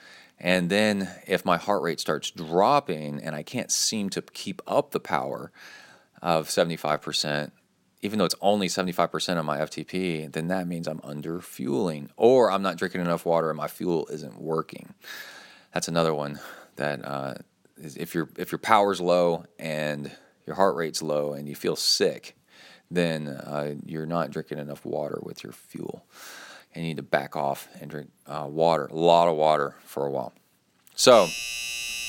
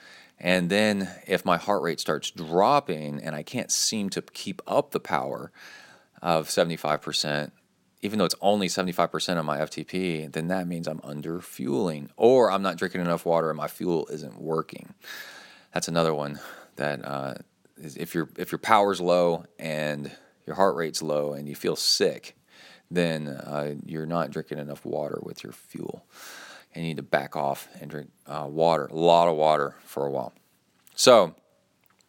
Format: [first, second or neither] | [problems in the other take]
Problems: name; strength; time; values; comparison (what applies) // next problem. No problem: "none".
second | doorbell; noticeable; from 31 s on; peak 3 dB below the speech